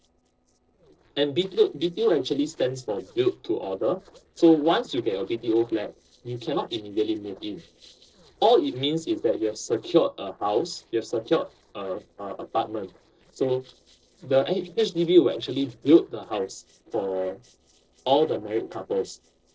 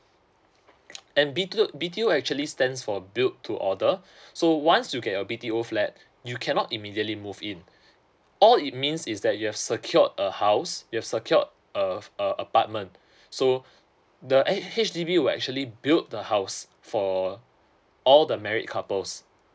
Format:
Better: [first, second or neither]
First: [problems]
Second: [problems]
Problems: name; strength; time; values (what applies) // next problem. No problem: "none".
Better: second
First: noise reduction (neural separator model SepFormer DNS4)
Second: none